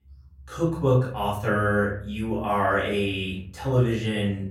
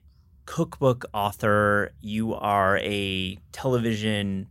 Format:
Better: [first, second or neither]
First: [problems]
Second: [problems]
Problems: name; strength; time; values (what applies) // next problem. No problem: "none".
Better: second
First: off-mic speech; far // room echo; noticeable; dies away in 0.5 s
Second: none